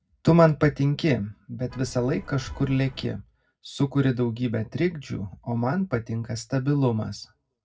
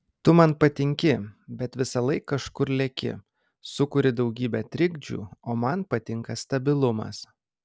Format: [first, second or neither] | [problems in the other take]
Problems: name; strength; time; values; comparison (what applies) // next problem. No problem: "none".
second | background sound (Vehicle horn, car horn, honking); 19 dB below the speech // room echo; dies away in 0.3 s